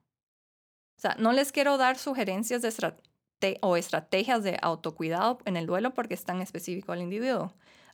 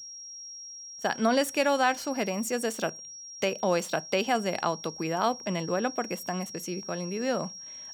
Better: first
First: none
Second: high-pitched whine; noticeable; throughout; 5.5 kHz, 10 dB below the speech

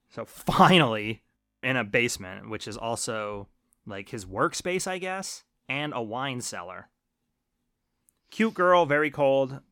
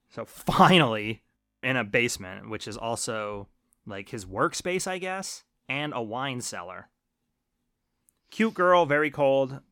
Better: neither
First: audio freezing; at 1.5 s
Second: audio freezing; at 1.5 s

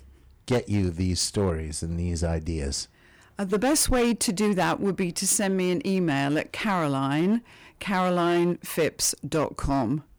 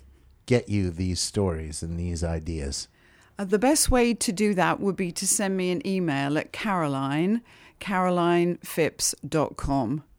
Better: second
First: distortion; slight; 7% of the sound clipped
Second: none

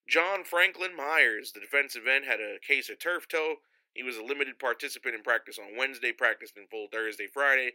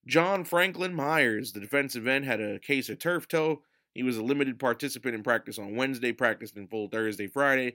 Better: second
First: thin; very; fading below 400 Hz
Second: none

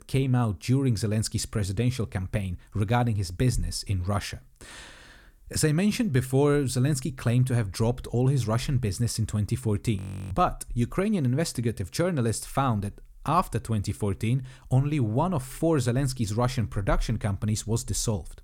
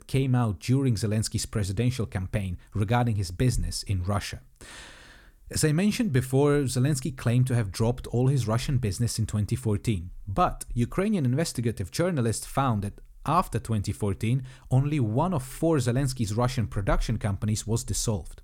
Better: second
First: audio freezing; at 10 s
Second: none

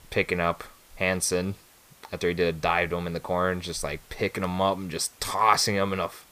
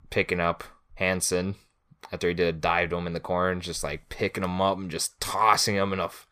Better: second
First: hiss; faint; throughout; 25 dB below the speech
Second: none

